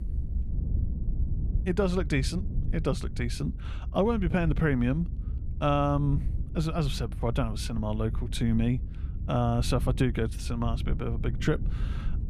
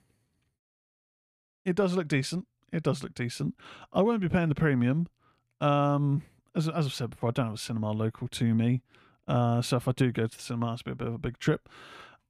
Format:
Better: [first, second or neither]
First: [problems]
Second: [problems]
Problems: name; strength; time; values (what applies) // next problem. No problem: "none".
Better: second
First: low rumble; noticeable; throughout; 15 dB below the speech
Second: none